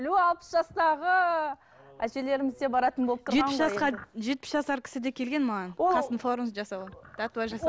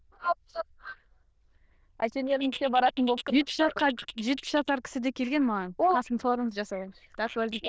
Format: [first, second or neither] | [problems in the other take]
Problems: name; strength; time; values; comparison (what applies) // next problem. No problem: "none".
first | noise reduction (neural diffusion model UNIVERSE++)